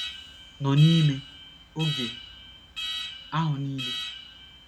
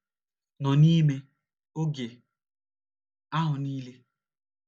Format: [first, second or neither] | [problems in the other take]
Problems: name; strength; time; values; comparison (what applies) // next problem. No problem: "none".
second | background sound (Alarm); 9 dB below the speech